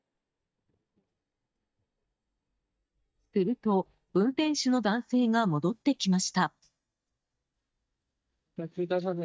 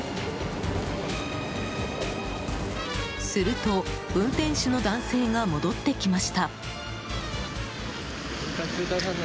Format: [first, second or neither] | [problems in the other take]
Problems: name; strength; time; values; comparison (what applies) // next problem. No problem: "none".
second | noise reduction (neural mask model DeepFilterNet 3)